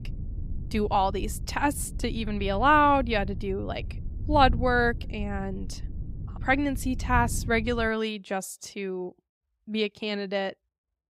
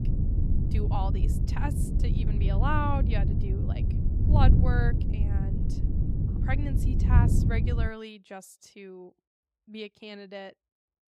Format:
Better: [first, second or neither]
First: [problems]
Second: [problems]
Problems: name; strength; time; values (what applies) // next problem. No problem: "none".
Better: first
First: wind noise on the microphone; occasional gusts; until 8 s; 25 dB below the speech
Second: wind noise on the microphone; heavy; until 8 s; 4 dB below the speech